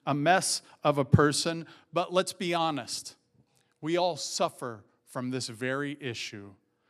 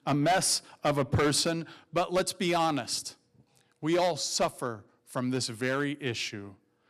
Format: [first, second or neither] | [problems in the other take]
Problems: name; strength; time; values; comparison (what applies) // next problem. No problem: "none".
first | distortion; heavy; 5% of the sound clipped